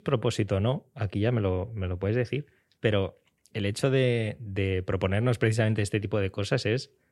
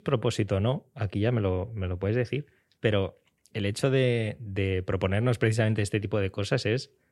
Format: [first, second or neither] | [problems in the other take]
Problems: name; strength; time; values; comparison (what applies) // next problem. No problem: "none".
neither | none